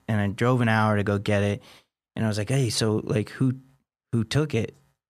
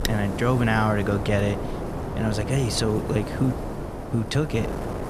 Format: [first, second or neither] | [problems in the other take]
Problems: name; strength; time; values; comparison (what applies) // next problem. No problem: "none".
first | wind noise on the microphone; heavy; 6 dB below the speech